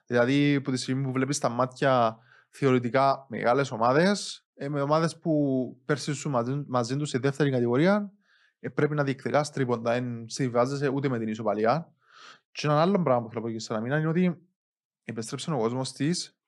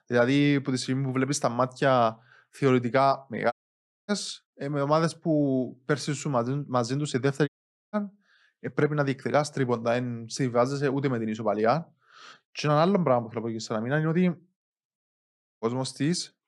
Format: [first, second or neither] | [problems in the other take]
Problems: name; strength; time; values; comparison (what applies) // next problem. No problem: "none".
first | audio cutting out; at 3.5 s for 0.5 s, at 7.5 s and at 15 s for 0.5 s